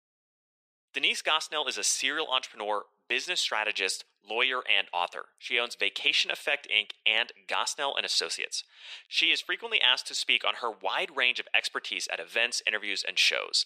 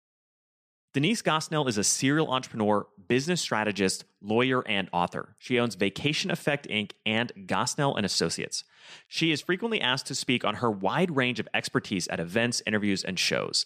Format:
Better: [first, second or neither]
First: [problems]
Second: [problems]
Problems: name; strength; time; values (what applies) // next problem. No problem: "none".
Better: second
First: thin; very; fading below 500 Hz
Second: none